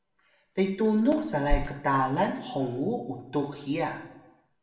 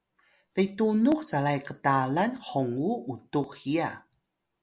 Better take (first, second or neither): second